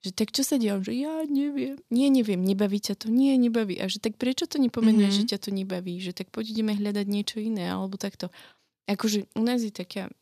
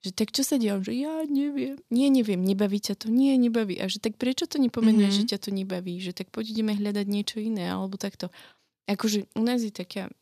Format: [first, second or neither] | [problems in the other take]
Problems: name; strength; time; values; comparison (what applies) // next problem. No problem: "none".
neither | none